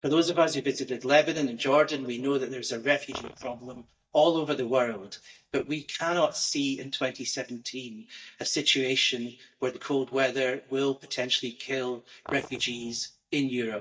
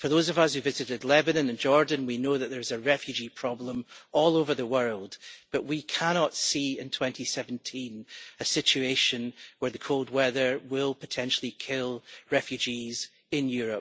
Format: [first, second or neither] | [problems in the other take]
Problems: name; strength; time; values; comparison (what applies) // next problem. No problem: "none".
second | noise reduction (neural mask model DeepFilterNet 3)